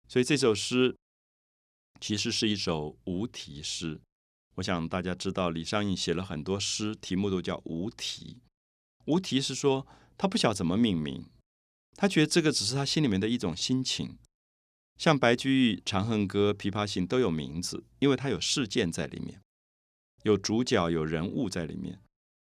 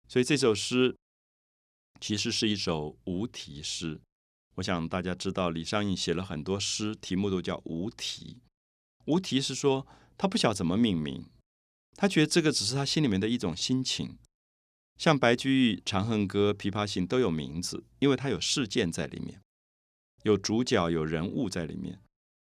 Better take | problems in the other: neither | none

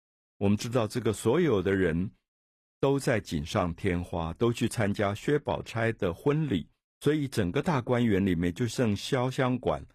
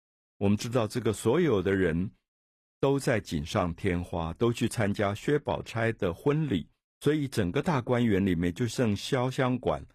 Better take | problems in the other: neither | none

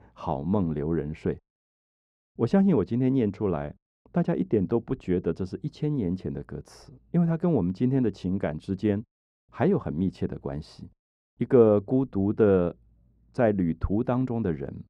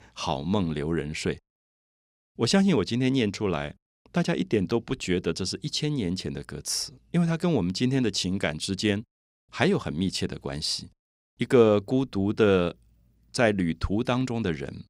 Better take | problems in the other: second | muffled; very; fading above 2 kHz

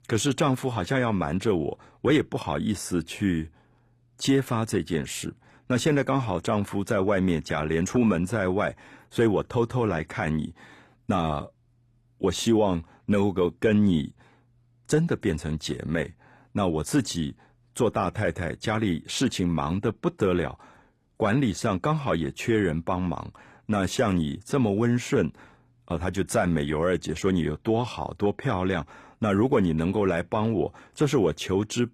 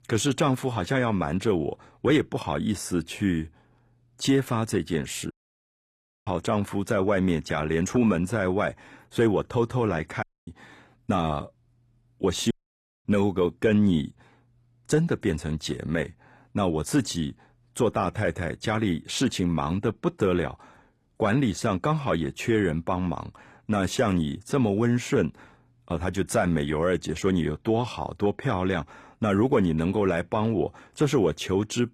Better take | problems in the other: first | audio cutting out; at 5.5 s for 1 s, at 10 s and at 13 s for 0.5 s

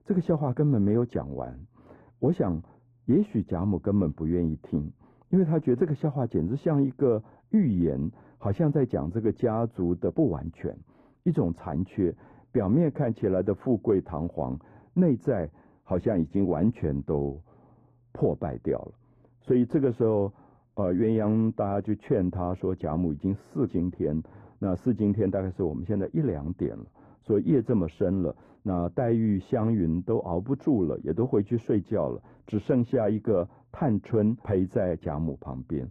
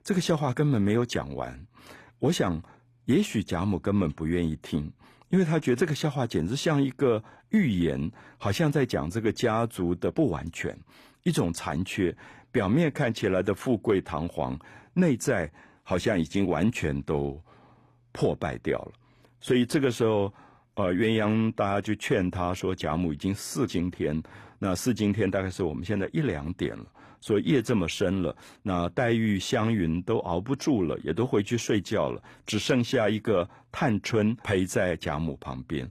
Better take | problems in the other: second | muffled; very; fading above 1.5 kHz

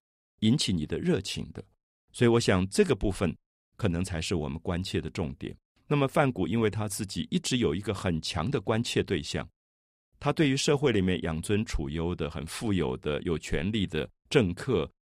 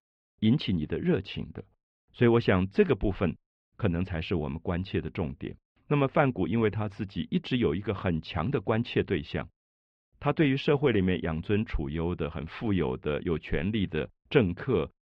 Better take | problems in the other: first | muffled; very; fading above 3 kHz

